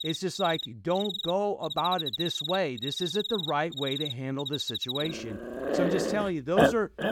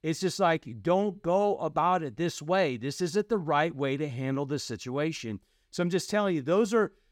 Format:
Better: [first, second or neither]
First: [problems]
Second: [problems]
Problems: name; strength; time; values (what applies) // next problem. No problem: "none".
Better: second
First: animal sounds; loud; throughout; 1 dB below the speech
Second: none